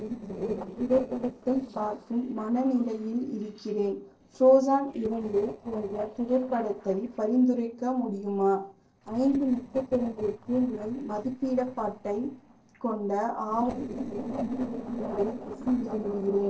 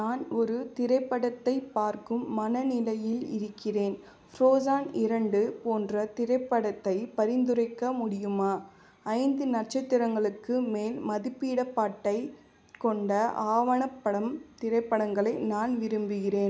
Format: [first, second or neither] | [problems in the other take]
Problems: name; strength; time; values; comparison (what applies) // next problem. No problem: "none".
second | noise reduction (neural separator model SepFormer DNS4)